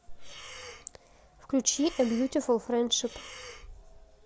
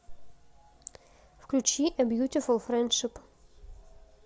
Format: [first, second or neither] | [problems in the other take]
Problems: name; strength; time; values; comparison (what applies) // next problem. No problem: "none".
second | background sound (Breathing); 17 dB below the speech